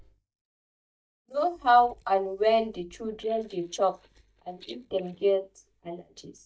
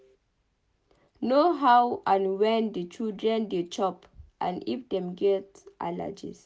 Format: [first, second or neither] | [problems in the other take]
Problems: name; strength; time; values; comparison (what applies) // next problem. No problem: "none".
second | noise reduction (neural mask model DeepFilterNet 3)